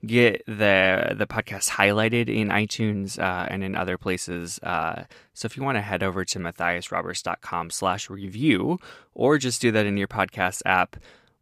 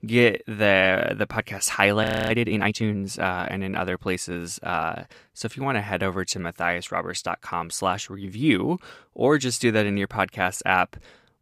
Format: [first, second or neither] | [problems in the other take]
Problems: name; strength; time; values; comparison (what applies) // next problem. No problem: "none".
first | audio freezing; at 2 s